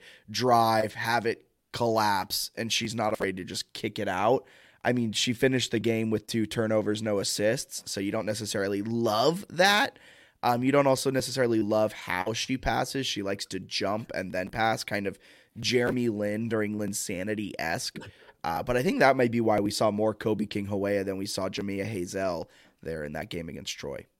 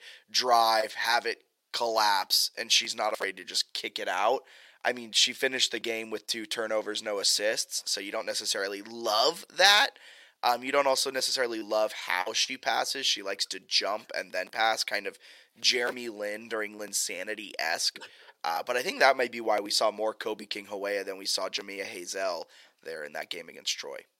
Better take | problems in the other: first | thin; somewhat; fading below 600 Hz

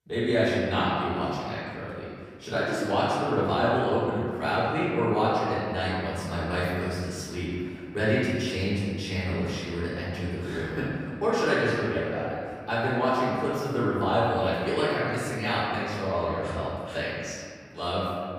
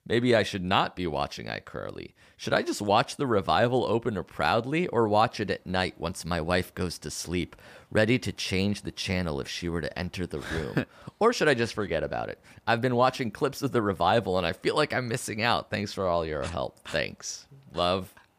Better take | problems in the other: second | room echo; strong; dies away in 1.9 s // off-mic speech; far

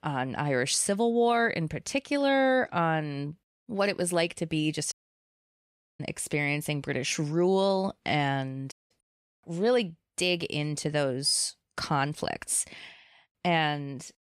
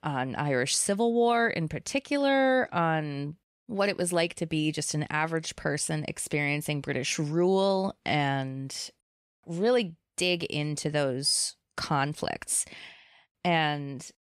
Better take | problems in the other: second | audio cutting out; at 5 s for 1 s and at 8.5 s

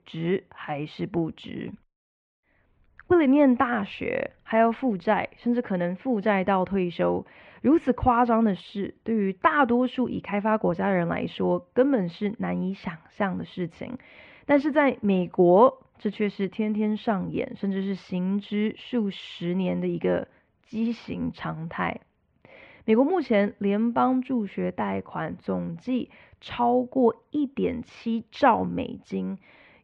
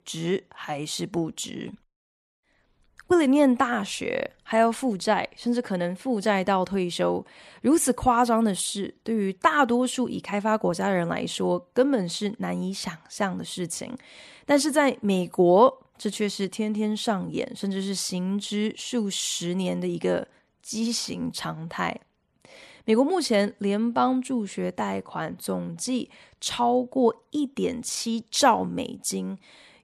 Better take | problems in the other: second | muffled; very; fading above 2.5 kHz

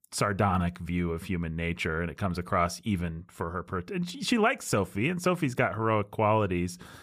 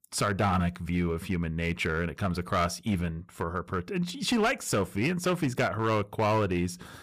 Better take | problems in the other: first | distortion; slight; 6% of the sound clipped

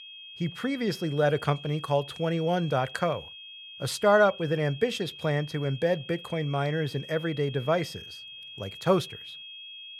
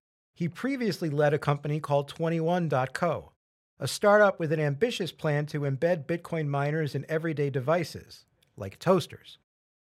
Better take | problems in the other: second | high-pitched whine; noticeable; throughout; 3.5 kHz, 15 dB below the speech

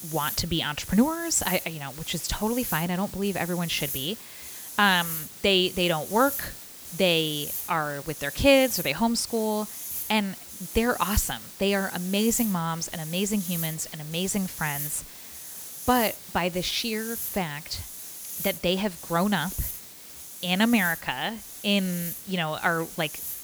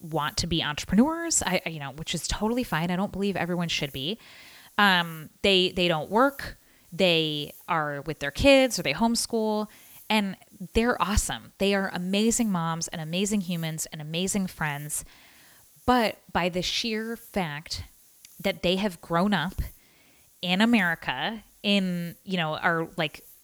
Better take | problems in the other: second | hiss; loud; throughout; 8 dB below the speech; faint in the second

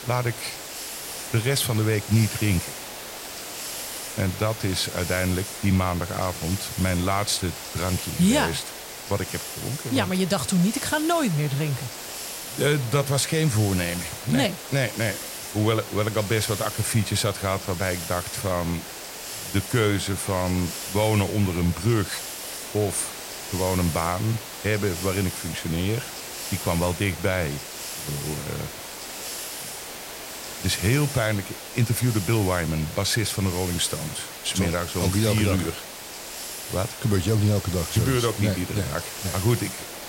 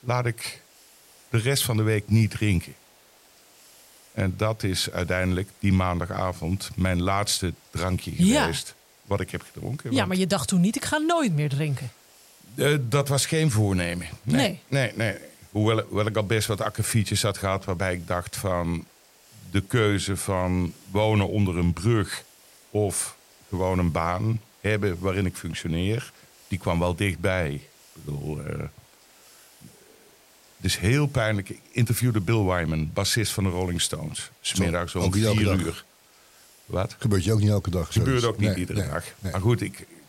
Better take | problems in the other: second | hiss; loud; throughout; 8 dB below the speech; faint in the second

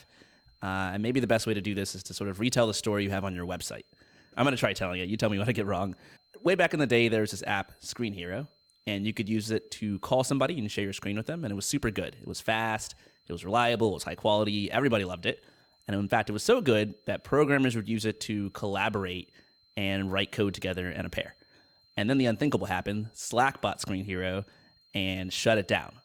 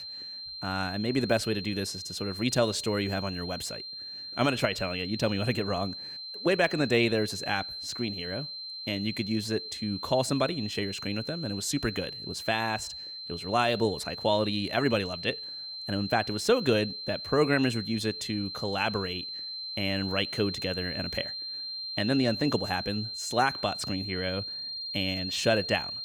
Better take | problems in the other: first | high-pitched whine; loud; throughout; 4 kHz, 6 dB below the speech; faint in the first

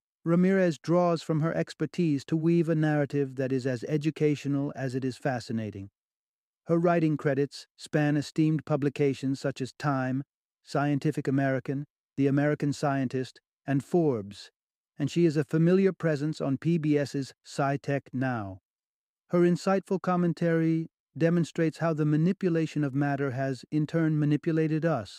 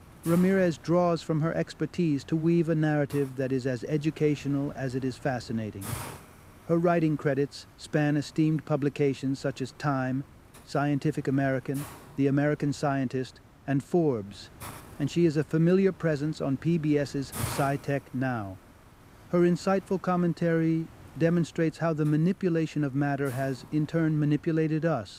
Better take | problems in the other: first | hiss; noticeable; throughout; 20 dB below the speech

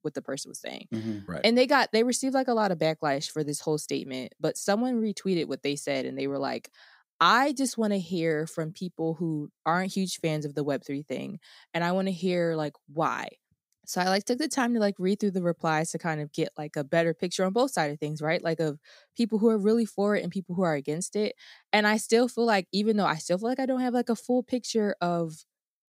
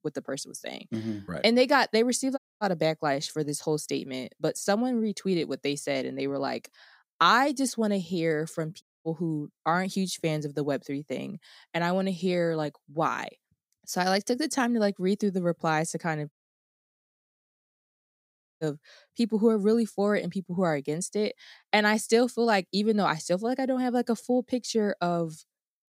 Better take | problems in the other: first | audio cutting out; at 2.5 s, at 9 s and at 16 s for 2.5 s

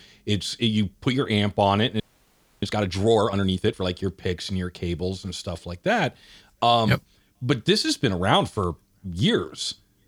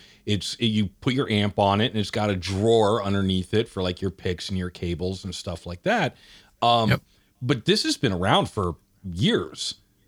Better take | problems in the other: second | audio freezing; at 2 s for 0.5 s

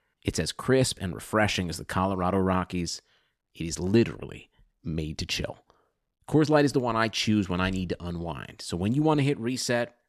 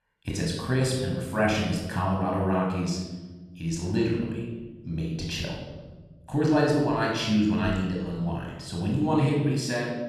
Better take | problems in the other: first | off-mic speech; far // room echo; noticeable; dies away in 1.2 s

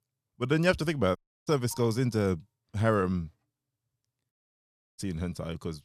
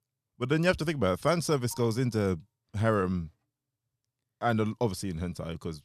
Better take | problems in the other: second | audio cutting out; at 1 s and at 4.5 s for 0.5 s

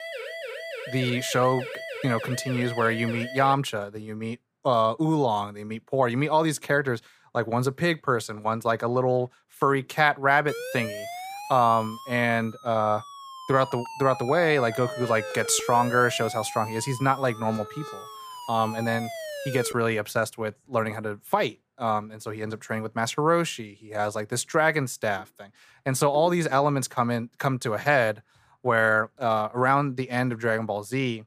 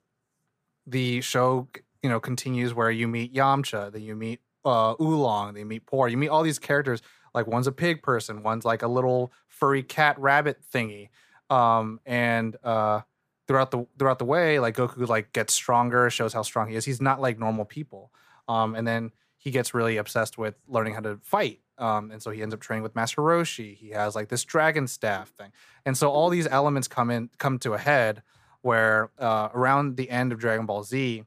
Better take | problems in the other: second | siren; noticeable; until 3.5 s and from 10 to 20 s; peak 8 dB below the speech

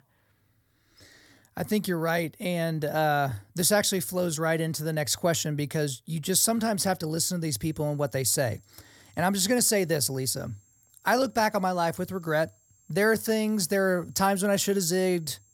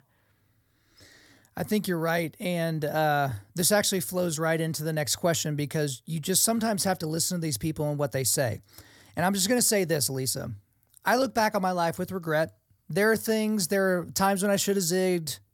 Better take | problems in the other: second | high-pitched whine; faint; from 7.5 s on; 7.5 kHz, 35 dB below the speech

